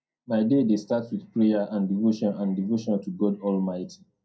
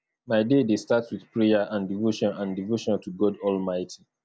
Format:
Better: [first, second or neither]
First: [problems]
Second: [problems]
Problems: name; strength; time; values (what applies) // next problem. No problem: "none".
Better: second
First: room echo; dies away in 0.2 s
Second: none